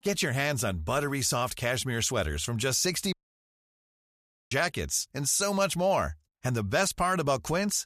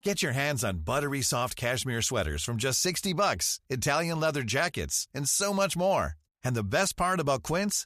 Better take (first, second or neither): second